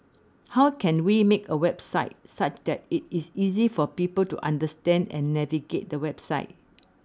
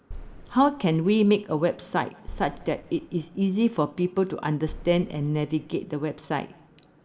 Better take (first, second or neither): first